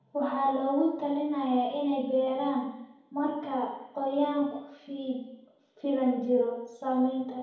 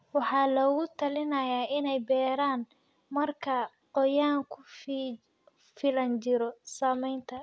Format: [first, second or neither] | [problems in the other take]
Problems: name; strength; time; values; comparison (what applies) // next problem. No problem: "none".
second | room echo; dies away in 1.9 s